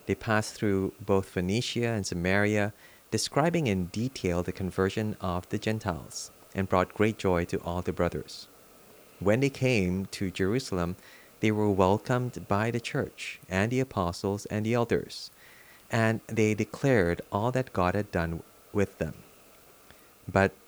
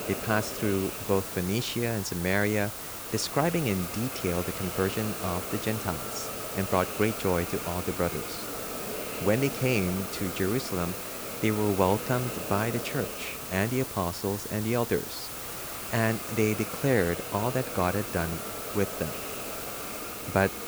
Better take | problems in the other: first | hiss; loud; throughout; 5 dB below the speech; faint in the first

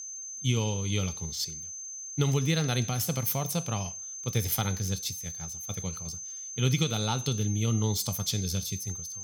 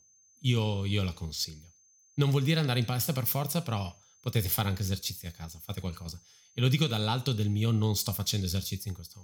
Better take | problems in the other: second | high-pitched whine; loud; throughout; 6 kHz, 7 dB below the speech; faint in the second

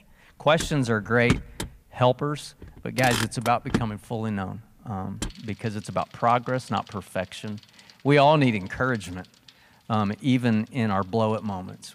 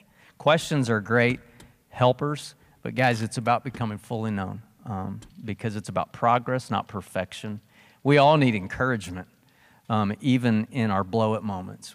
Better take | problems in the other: second | traffic noise; loud; throughout; 7 dB below the speech; faint in the second

